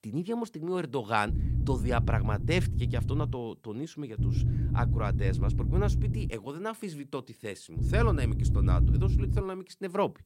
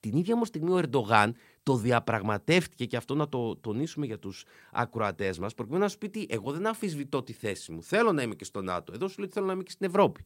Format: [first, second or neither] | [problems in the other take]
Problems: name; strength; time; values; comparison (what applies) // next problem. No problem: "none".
second | low rumble; loud; from 1.5 to 3.5 s, from 4 to 6.5 s and from 8 to 9.5 s; 7 dB below the speech